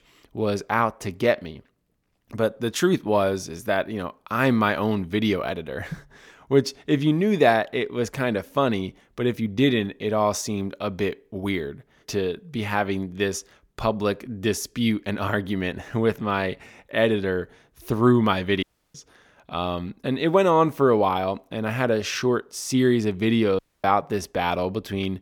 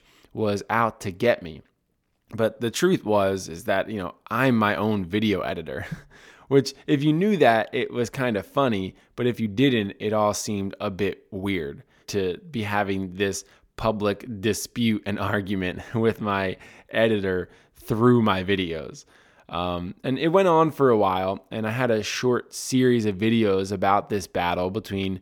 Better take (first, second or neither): second